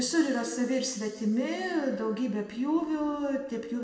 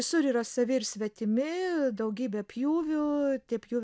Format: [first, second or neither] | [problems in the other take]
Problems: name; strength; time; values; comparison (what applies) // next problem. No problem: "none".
second | room echo; dies away in 1.2 s